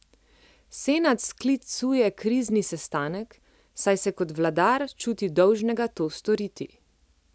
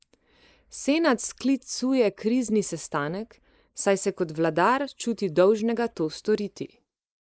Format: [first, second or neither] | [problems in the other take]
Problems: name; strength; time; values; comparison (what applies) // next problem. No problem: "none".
first | noise reduction (neural mask model Resemble Enhance denoiser)